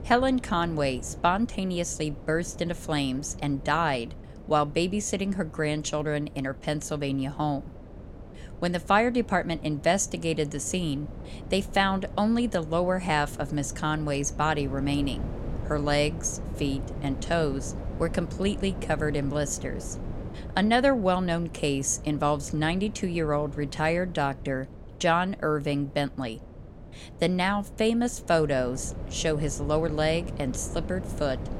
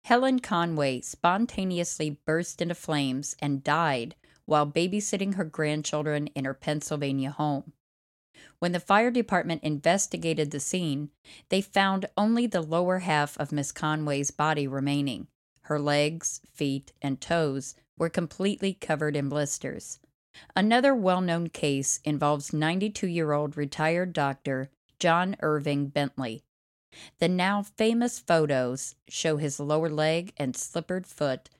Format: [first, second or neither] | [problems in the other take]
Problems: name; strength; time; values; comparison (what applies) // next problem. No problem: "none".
second | wind noise on the microphone; occasional gusts; 20 dB below the speech